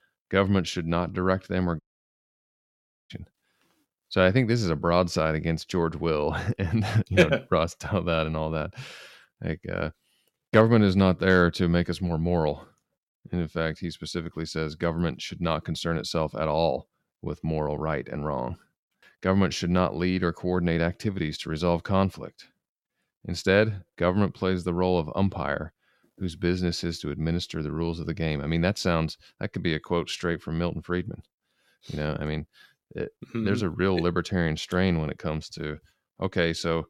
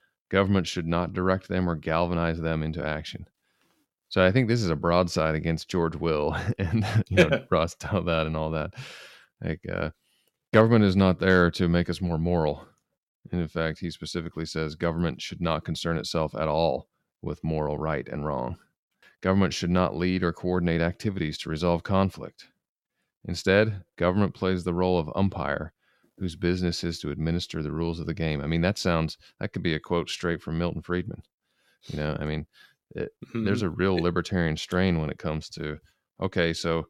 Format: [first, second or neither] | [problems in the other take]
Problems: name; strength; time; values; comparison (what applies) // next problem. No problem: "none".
second | audio cutting out; at 2 s for 1.5 s